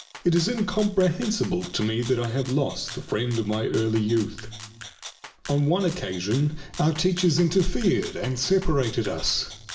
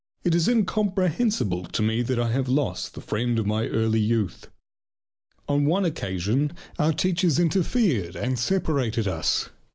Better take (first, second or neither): second